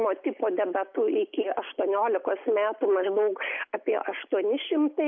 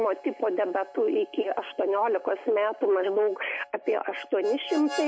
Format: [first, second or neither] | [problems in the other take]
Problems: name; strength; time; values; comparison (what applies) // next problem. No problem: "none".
first | background sound (Harmonica); 17 dB below the speech